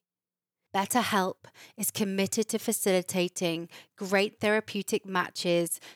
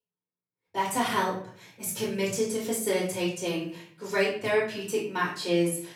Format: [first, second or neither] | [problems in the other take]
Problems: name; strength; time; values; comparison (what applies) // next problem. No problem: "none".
first | off-mic speech; far // room echo; noticeable; dies away in 0.5 s